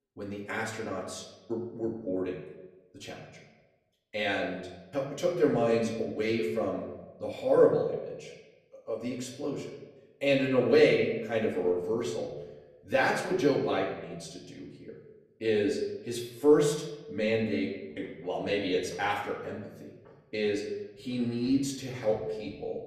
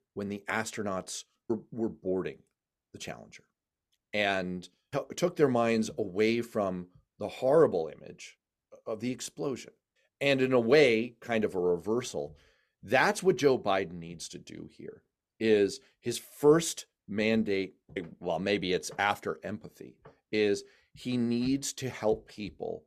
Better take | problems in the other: second | room echo; slight; dies away in 0.9 s // off-mic speech; far

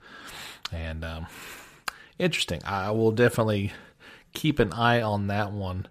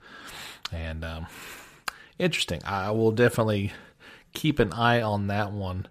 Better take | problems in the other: neither | none

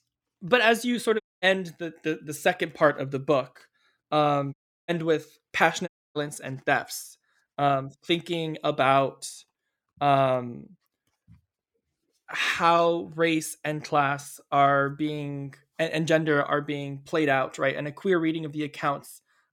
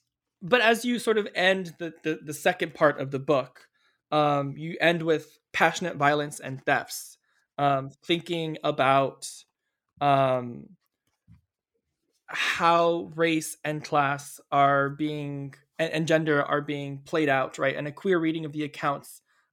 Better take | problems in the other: second | audio cutting out; at 1 s, at 4.5 s and at 6 s

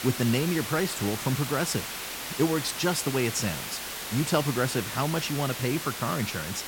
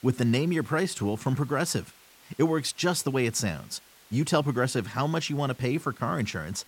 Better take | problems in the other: second | hiss; loud; throughout; 5 dB below the speech; faint in the second

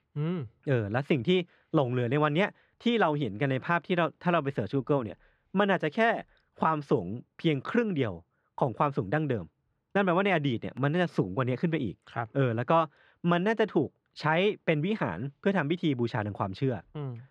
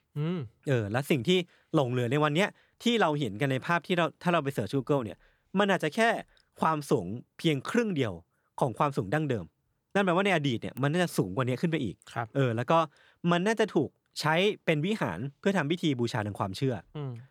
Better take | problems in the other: second | muffled; slightly; fading above 3 kHz

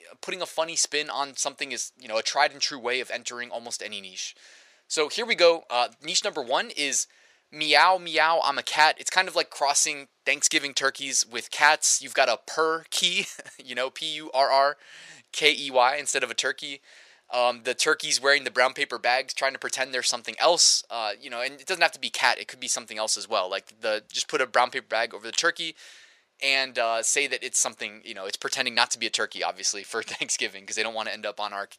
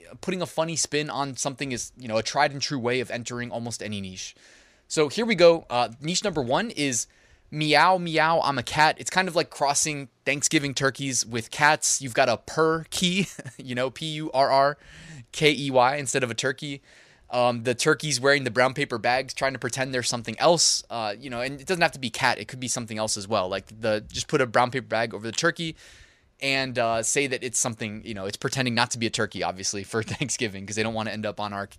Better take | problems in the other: second | thin; somewhat; fading below 500 Hz

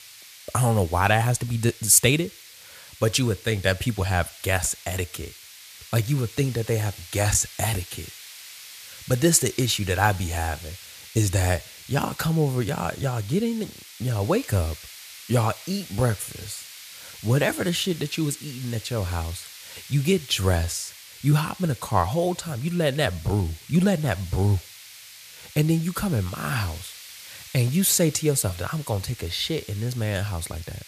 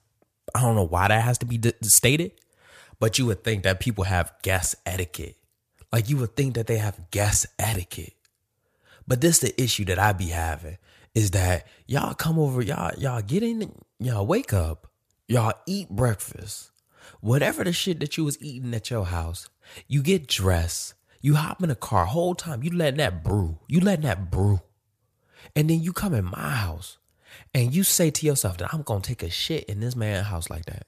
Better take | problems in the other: second | hiss; noticeable; throughout; 15 dB below the speech

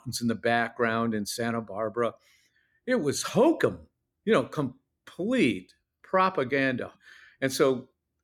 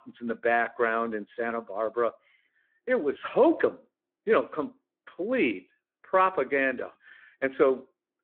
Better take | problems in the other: first | phone-call audio

